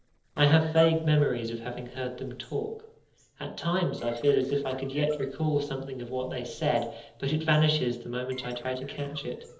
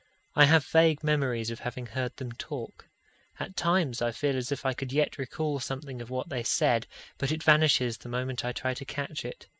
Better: second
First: noise reduction (neural separator model SepFormer DNS4)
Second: none

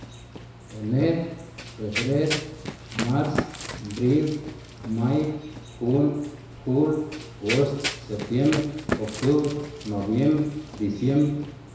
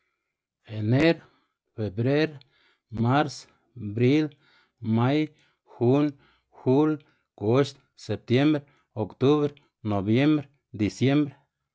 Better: second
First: background sound (Run); 10 dB below the speech // room echo; dies away in 1 s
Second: none

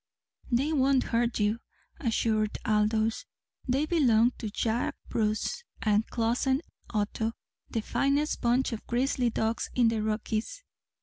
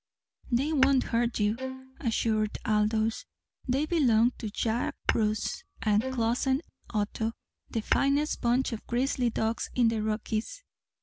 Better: first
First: none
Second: background sound (Bowed string instrument + Tap / Hammer / Glass); 11 dB below the speech

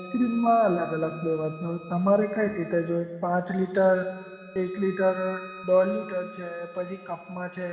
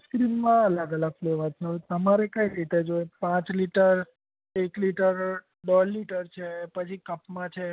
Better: second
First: background sound (Wind instrument, woodwind instrument); 20 dB below the speech // room echo; dies away in 2.4 s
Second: none

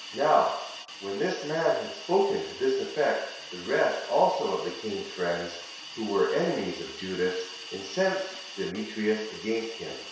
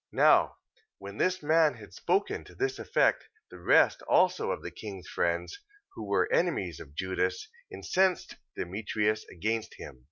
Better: second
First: background sound (Hiss); 13 dB below the speech // room echo; dies away in 0.7 s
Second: none

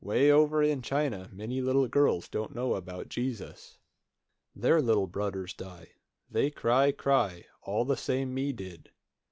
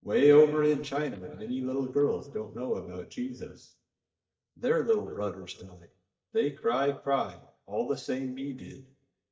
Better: first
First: none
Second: noise reduction (neural mask model DeepFilterNet 3)

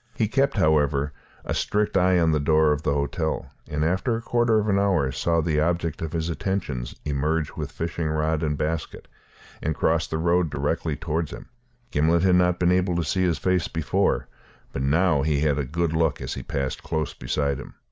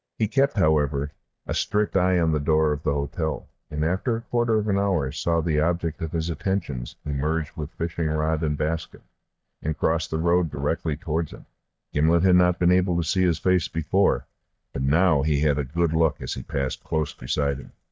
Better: first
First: none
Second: noise reduction (neural mask model DeepFilterNet 3)

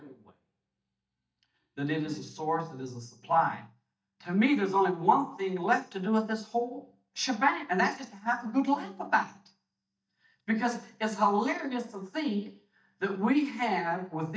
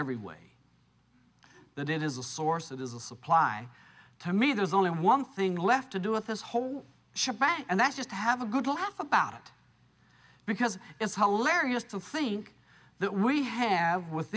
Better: second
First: noise reduction (neural mask model DeepFilterNet 3)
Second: none

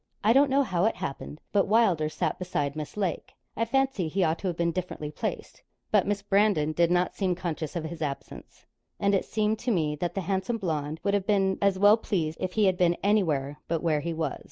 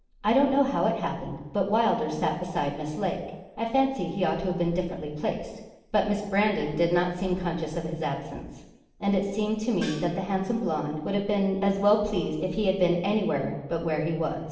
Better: first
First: none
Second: background sound (Gong); 19 dB below the speech // room echo; dies away in 0.9 s

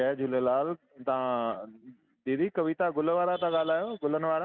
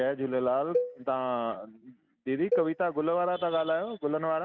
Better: first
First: none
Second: background sound (Cowbell); 7 dB below the speech

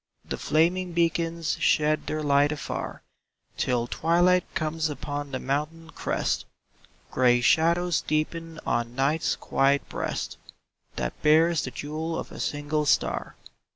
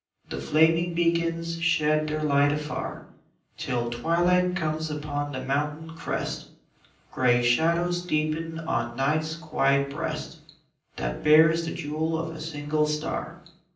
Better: first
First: none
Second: room echo; dies away in 0.6 s

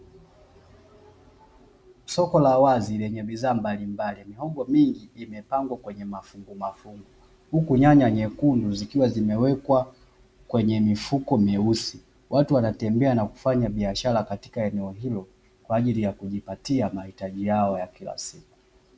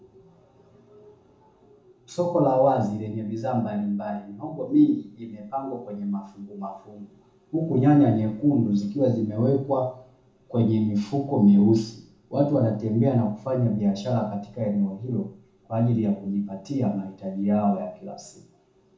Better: first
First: none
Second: room echo; dies away in 0.7 s

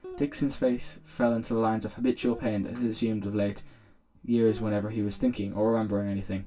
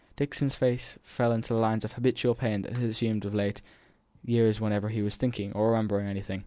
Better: second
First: background sound (Guitar); 20 dB below the speech // room echo; dies away in 0.1 s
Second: none

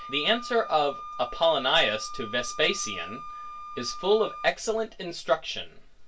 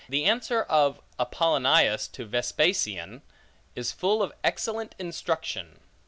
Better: second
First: background sound (Wind instrument, woodwind instrument); 13 dB below the speech // room echo; dies away in 0.2 s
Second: none

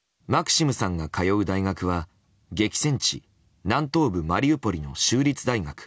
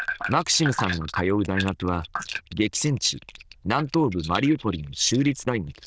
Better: first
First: none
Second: noise reduction (neural diffusion model UNIVERSE++)

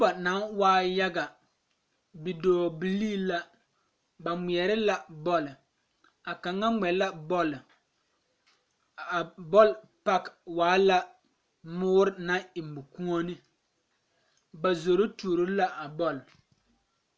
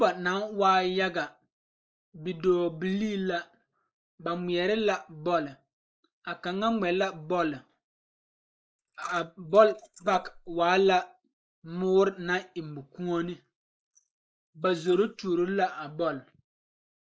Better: first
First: none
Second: noise reduction (neural mask model Resemble Enhance denoiser)

